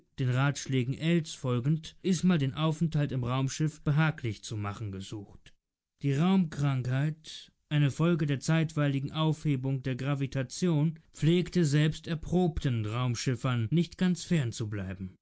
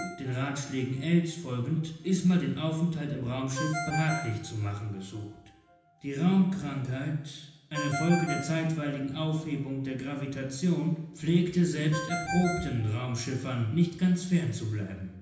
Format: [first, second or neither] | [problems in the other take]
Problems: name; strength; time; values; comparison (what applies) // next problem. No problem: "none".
first | background sound (Ringtone); 12 dB below the speech // room echo; dies away in 0.9 s